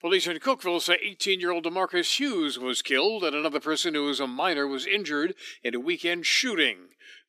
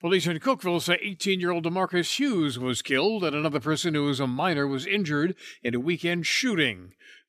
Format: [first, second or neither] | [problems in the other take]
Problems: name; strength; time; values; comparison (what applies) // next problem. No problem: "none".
second | thin; very slightly; fading below 300 Hz